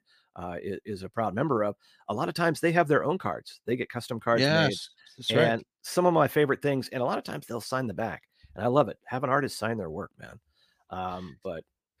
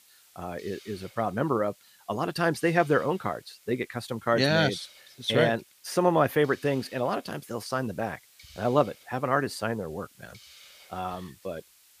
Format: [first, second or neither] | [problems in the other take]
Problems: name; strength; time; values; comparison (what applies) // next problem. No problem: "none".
first | hiss; faint; throughout; 25 dB below the speech